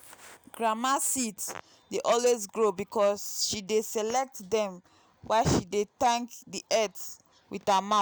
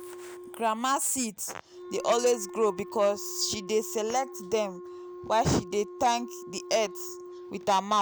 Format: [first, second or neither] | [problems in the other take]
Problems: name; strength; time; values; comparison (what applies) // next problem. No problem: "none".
first | background sound (Wind instrument, woodwind instrument); 14 dB below the speech